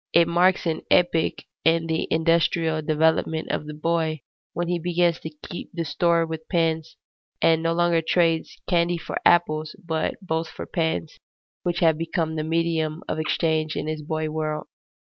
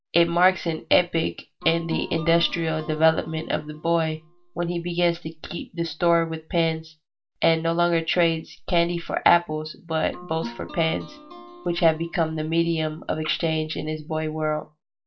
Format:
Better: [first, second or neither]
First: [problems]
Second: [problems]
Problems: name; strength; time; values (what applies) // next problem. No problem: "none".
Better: first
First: none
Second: background sound (Guitar); 18 dB below the speech // room echo; dies away in 0.2 s